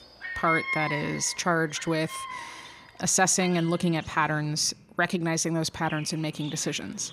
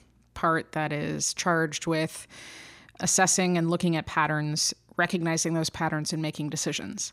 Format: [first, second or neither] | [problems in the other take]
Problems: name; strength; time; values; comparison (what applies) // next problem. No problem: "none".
second | animal sounds; loud; throughout; 9 dB below the speech